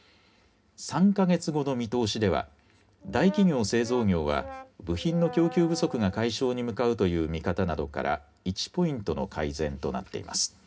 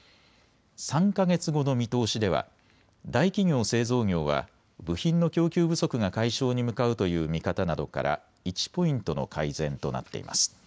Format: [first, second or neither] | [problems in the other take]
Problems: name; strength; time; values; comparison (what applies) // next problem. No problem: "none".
second | background sound (Brass instrument); 15 dB below the speech // room echo; dies away in 0.3 s